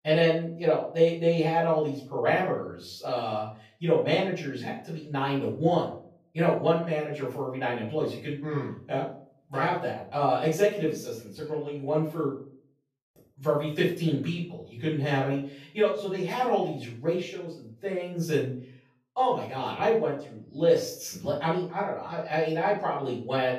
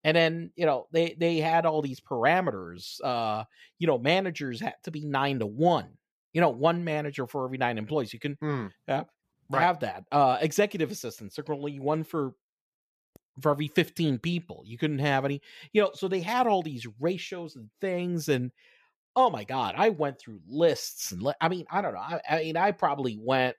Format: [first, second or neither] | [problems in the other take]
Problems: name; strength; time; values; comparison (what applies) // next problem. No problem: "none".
second | off-mic speech; far // room echo; noticeable; dies away in 0.4 s